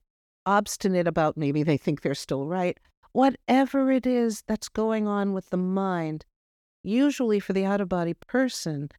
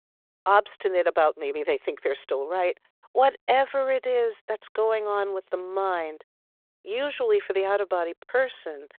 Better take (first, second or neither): first